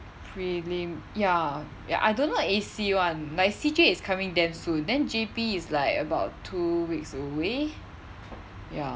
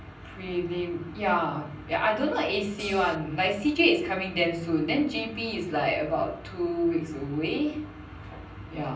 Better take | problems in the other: first | background sound (Cymbal); 14 dB below the speech // room echo; dies away in 0.6 s

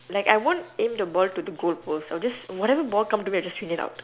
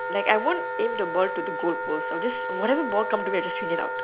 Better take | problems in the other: first | background sound (Wind instrument, woodwind instrument); 3 dB below the speech

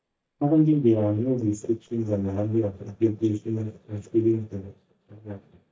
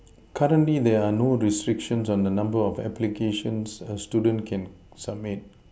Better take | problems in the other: second | noise reduction (neural mask model DeepFilterNet 3)

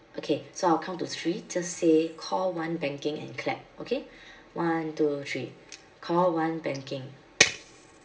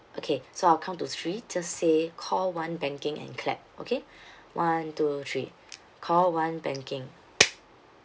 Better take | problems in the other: second | room echo; dies away in 1.3 s

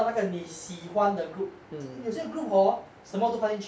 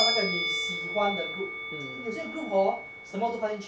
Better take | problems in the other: first | background sound (Musical instrument); 2 dB below the speech

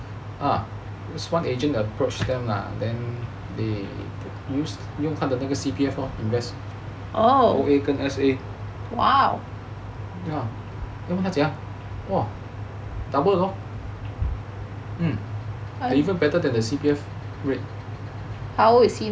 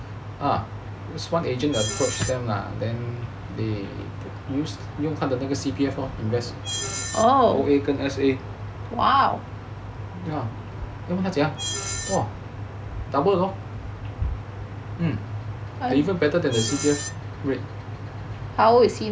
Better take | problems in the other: first | background sound (Screech); 14 dB below the speech

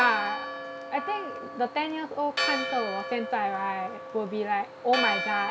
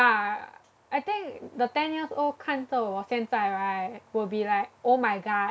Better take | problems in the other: second | background sound (Church bell); 5 dB below the speech

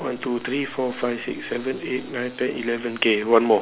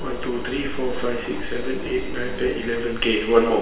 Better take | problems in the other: first | background sound (Engine); 11 dB below the speech // room echo; dies away in 1.5 s

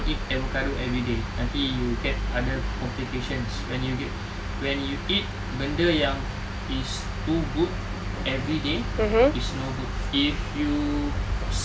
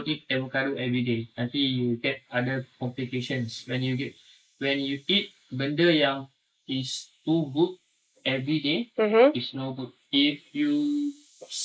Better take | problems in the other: first | noise reduction (neural mask model Resemble Enhance denoiser)

